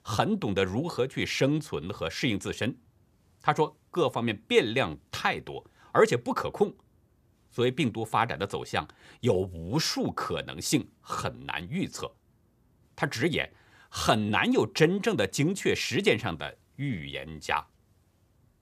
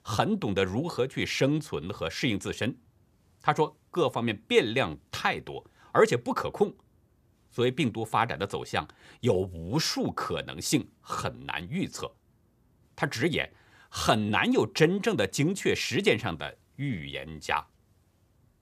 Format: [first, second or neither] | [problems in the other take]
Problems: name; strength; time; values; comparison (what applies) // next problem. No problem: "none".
neither | none